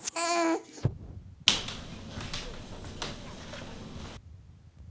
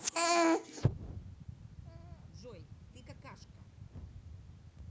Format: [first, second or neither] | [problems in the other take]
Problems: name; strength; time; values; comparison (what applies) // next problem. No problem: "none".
second | background sound (Squeak); 1 dB above the speech